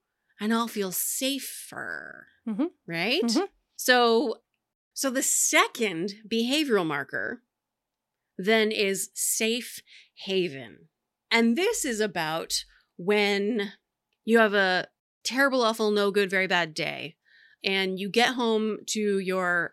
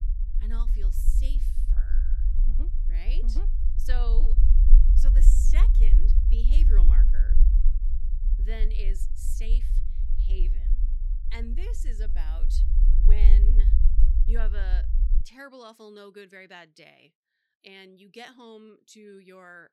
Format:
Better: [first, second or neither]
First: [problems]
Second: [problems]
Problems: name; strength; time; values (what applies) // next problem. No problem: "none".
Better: first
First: none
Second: low rumble; loud; until 15 s; 5 dB below the speech